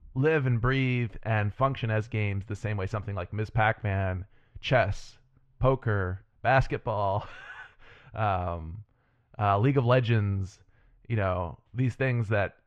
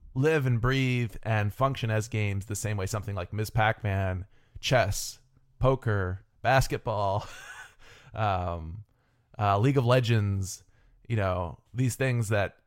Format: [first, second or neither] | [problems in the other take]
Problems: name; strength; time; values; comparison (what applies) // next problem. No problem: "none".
second | muffled; slightly; fading above 2.5 kHz